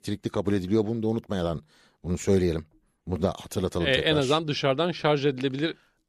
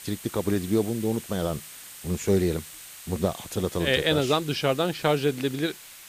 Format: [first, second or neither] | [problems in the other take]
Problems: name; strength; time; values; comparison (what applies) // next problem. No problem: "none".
first | hiss; noticeable; throughout; 15 dB below the speech